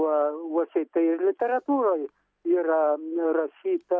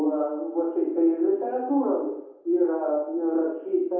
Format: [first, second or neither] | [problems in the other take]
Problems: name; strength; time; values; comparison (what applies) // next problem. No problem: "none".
first | room echo; dies away in 0.8 s